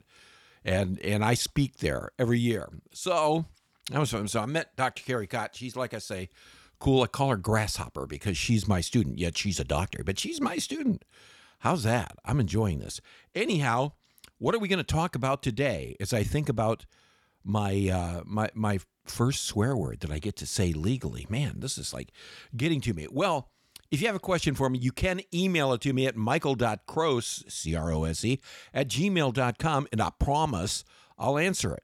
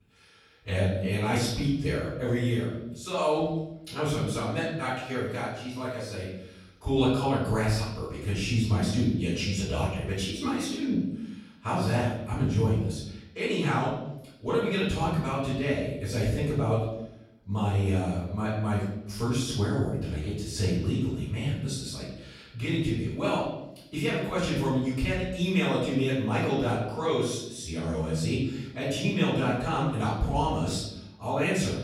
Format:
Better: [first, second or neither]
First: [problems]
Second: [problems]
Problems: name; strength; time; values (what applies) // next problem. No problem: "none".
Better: first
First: none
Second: off-mic speech; far // room echo; noticeable; dies away in 0.9 s